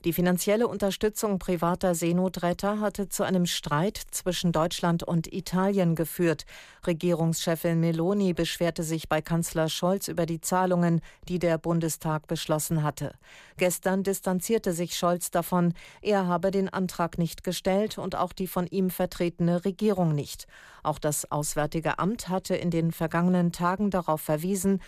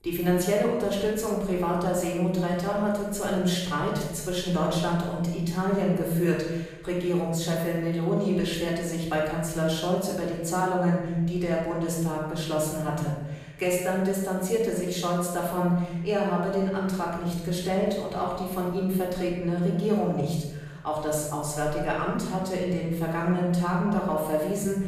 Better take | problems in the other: first | off-mic speech; far // room echo; noticeable; dies away in 0.9 s

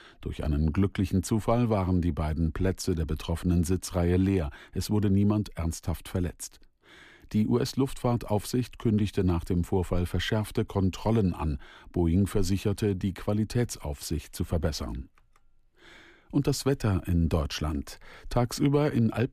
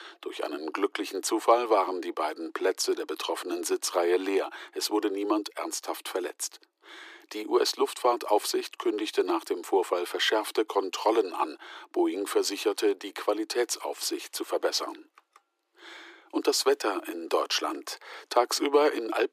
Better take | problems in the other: first | thin; very; fading below 300 Hz

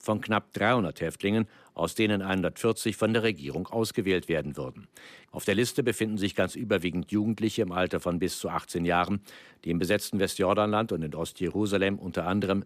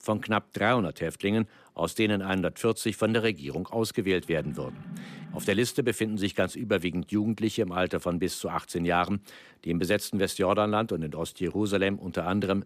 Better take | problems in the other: first | alarm; faint; from 4.5 to 5.5 s; peak 15 dB below the speech

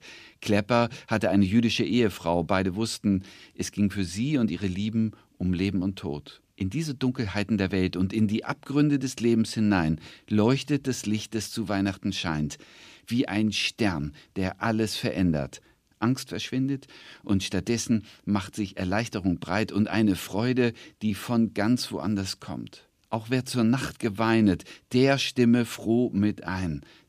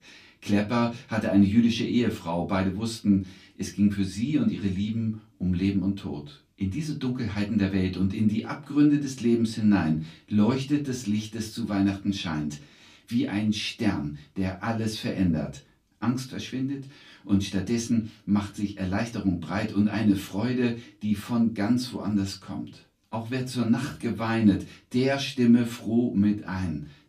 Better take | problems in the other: first | off-mic speech; far // room echo; very slight; dies away in 0.2 s

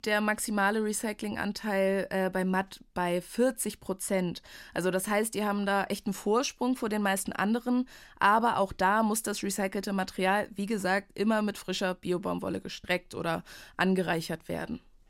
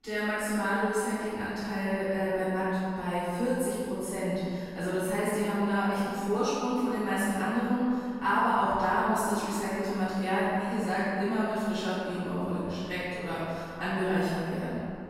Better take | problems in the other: first | room echo; strong; dies away in 2.4 s // off-mic speech; far

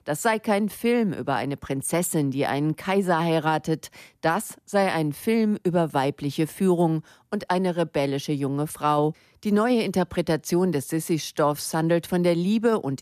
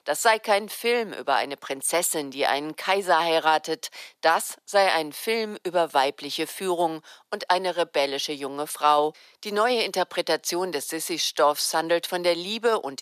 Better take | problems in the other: first | thin; very; fading below 600 Hz

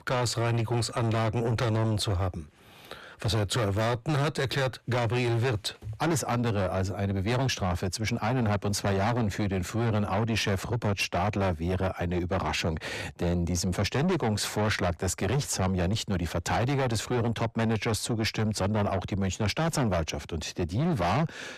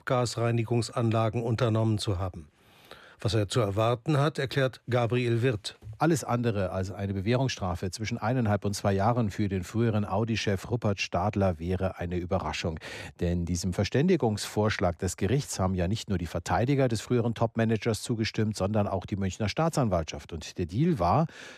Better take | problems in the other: second | distortion; heavy; 7 dB below the speech

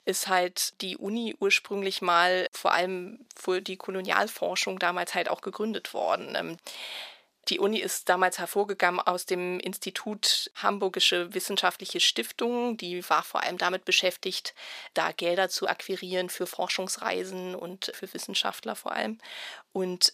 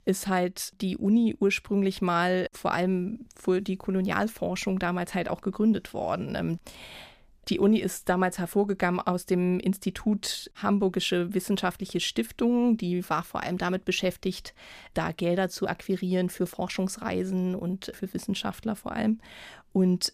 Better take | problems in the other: second | thin; very; fading below 500 Hz

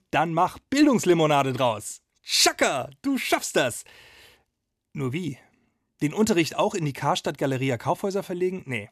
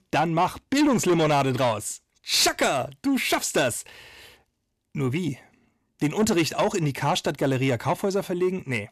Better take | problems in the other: first | distortion; slight; 10 dB below the speech

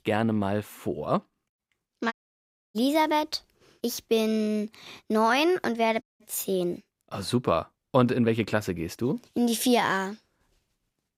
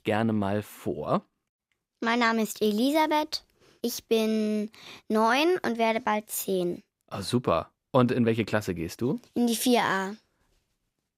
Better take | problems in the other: second | audio cutting out; at 2 s for 0.5 s and at 6 s

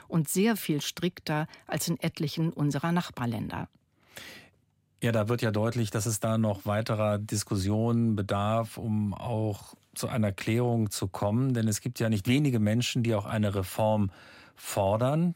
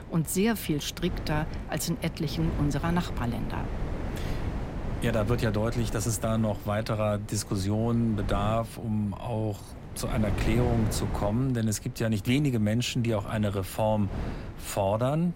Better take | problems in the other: first | wind noise on the microphone; occasional gusts; 10 dB below the speech

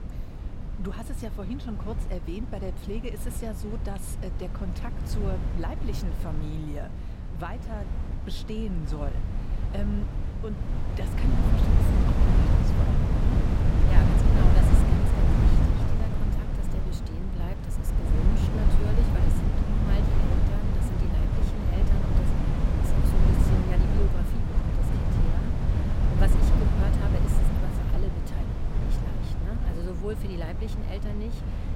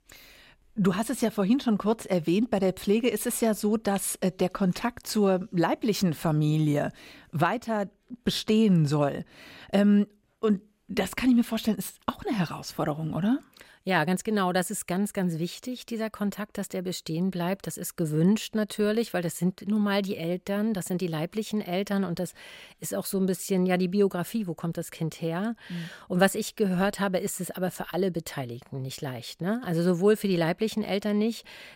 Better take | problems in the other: second | wind noise on the microphone; heavy; 4 dB above the speech

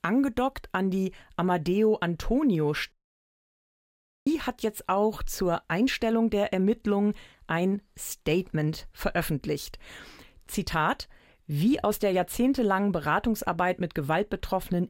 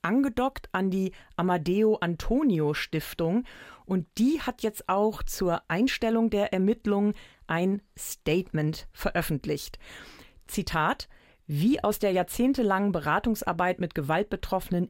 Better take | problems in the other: second | audio cutting out; at 3 s for 1.5 s

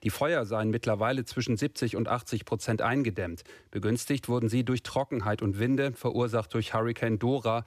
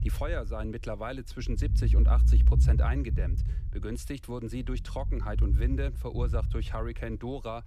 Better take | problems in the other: first | low rumble; loud; throughout; 8 dB below the speech

